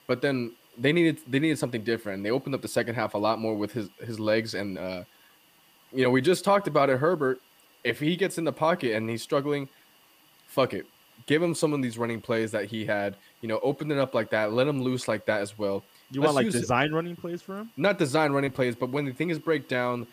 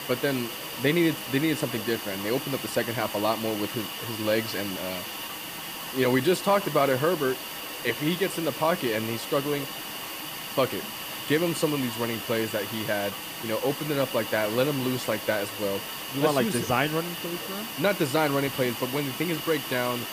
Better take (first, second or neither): first